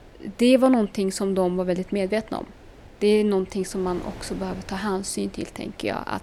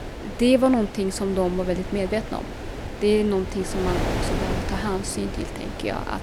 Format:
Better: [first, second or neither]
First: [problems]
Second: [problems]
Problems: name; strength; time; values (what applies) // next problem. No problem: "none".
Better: first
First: wind noise on the microphone; occasional gusts; 20 dB below the speech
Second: wind noise on the microphone; heavy; 7 dB below the speech